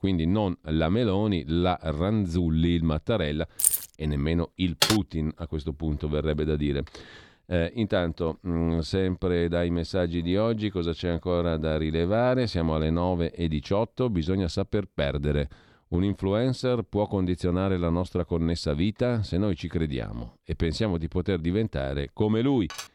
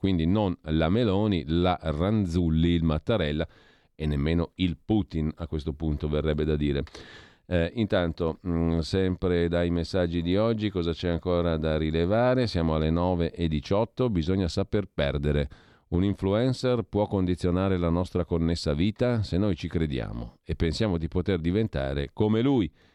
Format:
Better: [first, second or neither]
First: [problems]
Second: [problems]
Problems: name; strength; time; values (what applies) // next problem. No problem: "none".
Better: second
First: jangling keys; loud; at 3.5 s; peak 5 dB above the speech // keyboard typing; loud; at 5 s; peak 3 dB above the speech // clattering dishes; very faint; at 22 s; peak 10 dB below the speech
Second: none